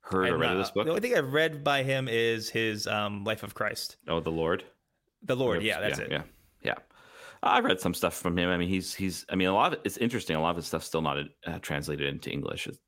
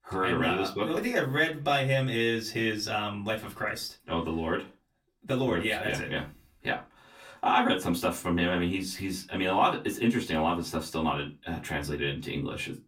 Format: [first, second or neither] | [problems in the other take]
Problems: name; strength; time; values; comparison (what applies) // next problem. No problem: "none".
first | off-mic speech; far // room echo; very slight; dies away in 0.2 s